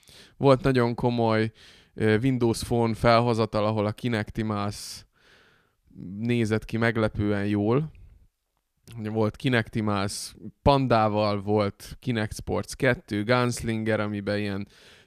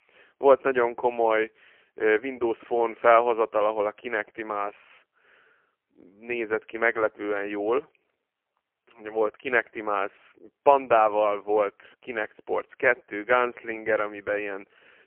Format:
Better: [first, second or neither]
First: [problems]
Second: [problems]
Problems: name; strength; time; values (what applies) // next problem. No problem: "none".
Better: first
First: none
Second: phone-call audio; poor line